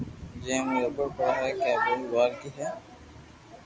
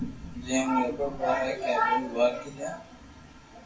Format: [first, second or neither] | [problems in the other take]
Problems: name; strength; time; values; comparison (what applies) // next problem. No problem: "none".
first | room echo; dies away in 0.2 s